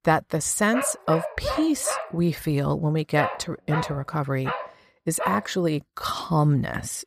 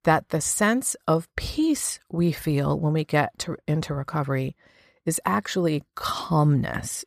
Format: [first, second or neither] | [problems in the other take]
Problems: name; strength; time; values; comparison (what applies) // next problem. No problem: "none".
second | dog barking; noticeable; from 0.5 to 5.5 s; peak 4 dB below the speech